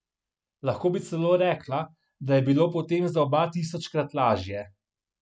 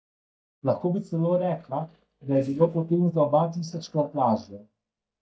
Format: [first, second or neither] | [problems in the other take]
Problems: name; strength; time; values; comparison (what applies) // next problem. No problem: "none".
first | noise reduction (neural mask model DeepFilterNet 3)